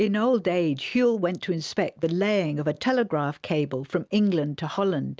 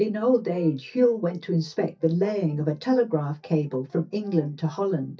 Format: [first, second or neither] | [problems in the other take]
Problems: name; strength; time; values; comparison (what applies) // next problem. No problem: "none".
first | noise reduction (neural mask model DeepFilterNet 3)